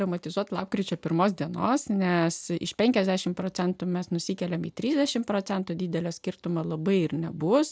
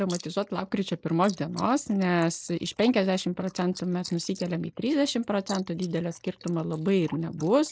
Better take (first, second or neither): first